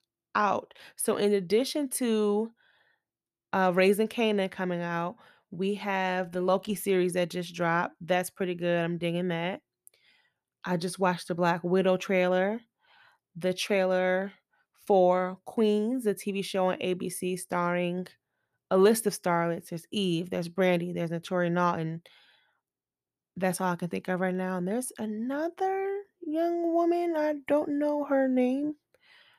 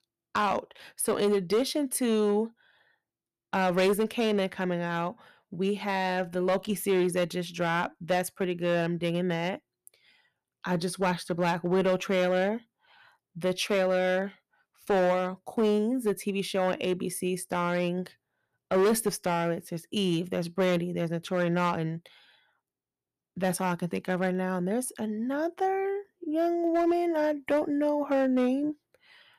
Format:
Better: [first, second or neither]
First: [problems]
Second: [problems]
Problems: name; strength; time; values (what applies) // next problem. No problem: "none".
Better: first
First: none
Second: distortion; slight; 5% of the sound clipped